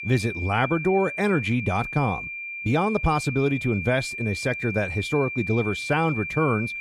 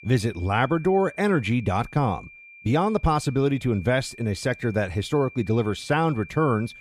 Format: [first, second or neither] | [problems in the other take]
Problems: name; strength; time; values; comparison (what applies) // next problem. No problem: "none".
second | high-pitched whine; loud; throughout; 2.5 kHz, 6 dB below the speech; faint in the second